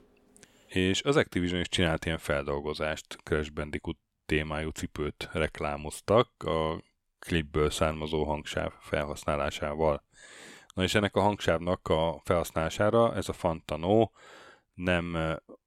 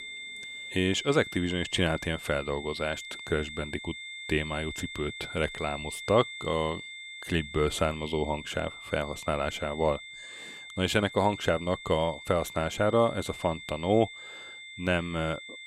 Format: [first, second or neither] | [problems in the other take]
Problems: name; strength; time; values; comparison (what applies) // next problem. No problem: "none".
first | high-pitched whine; noticeable; throughout; 2 kHz, 10 dB below the speech